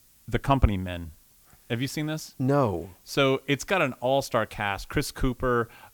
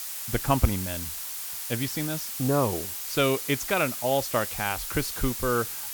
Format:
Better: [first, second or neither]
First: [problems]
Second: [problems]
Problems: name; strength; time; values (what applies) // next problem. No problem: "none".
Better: first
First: hiss; faint; throughout; 30 dB below the speech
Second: hiss; loud; throughout; 4 dB below the speech